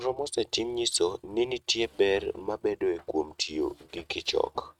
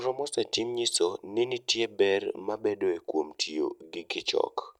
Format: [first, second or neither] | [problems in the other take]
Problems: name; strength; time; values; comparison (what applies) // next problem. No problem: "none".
second | noise reduction (neural mask model RNNoise)